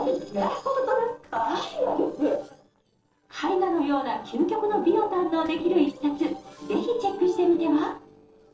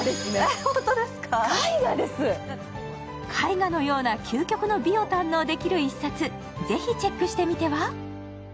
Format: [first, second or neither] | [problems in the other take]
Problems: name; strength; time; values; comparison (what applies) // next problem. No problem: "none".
second | noise reduction (neural separator model SepFormer DNS4)